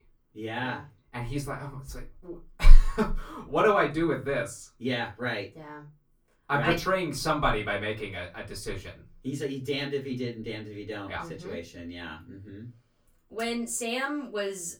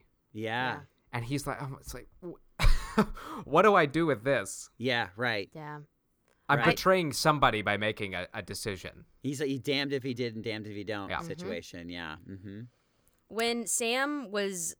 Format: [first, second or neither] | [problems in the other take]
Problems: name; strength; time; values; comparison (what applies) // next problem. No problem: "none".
second | off-mic speech; far // room echo; very slight; dies away in 0.2 s